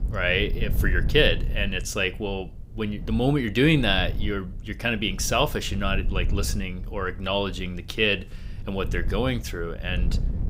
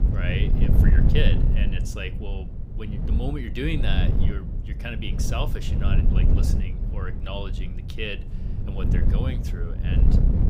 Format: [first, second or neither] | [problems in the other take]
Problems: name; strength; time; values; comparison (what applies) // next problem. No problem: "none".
first | wind noise on the microphone; heavy; 3 dB below the speech; occasional gusts in the first